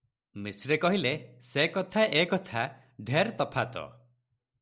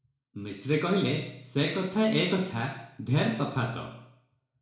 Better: first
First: none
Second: room echo; dies away in 0.6 s

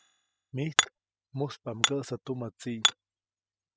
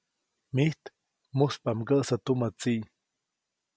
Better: second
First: noise reduction (classical method spectral subtraction)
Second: none

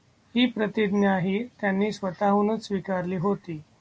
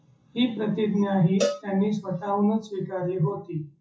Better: first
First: none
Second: noise reduction (classical method WPE with log-MMSE)

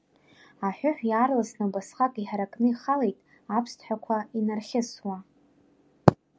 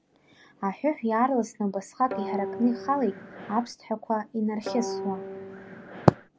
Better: first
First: none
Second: background sound (Guitar); 8 dB below the speech

